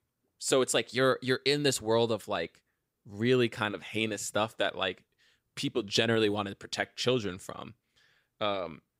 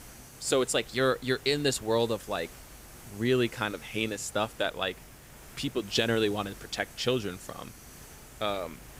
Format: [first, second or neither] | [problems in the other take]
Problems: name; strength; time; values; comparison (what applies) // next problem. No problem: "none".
first | hiss; noticeable; throughout; 20 dB below the speech